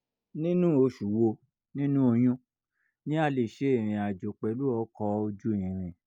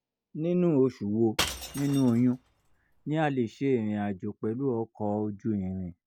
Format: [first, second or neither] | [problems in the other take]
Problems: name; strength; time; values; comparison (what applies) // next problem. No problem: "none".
first | background sound (Shatter / Crushing); 11 dB below the speech